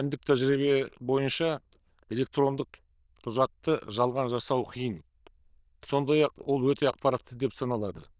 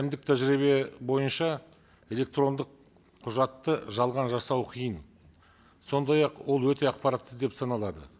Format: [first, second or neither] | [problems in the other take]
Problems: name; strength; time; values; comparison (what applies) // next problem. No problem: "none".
second | noise reduction (neural diffusion model UNIVERSE++)